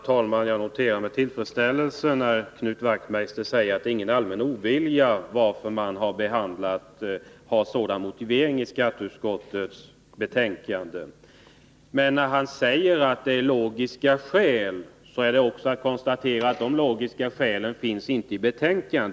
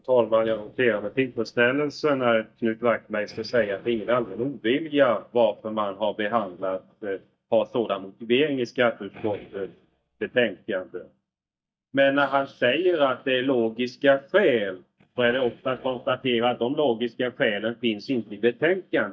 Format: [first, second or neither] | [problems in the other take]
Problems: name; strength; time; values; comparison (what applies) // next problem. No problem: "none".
first | noise reduction (neural mask model DeepFilterNet 3)